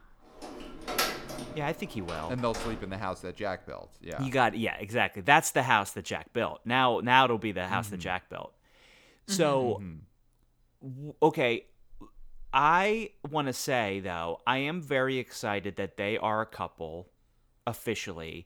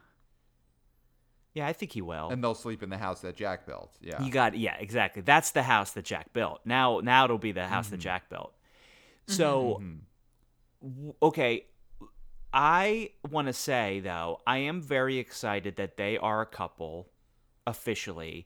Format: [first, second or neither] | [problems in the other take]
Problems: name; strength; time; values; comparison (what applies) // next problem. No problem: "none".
second | door banging; noticeable; until 3 s; peak 1 dB below the speech